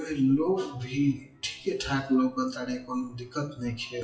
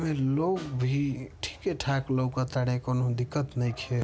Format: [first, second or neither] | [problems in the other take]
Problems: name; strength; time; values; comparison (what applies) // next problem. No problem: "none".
second | noise reduction (classical method WPE with log-MMSE)